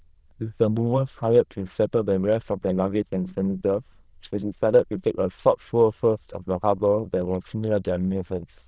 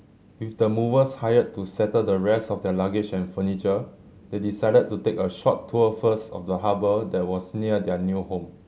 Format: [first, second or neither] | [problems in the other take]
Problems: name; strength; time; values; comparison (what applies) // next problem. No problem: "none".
second | noise reduction (neural diffusion model UNIVERSE++)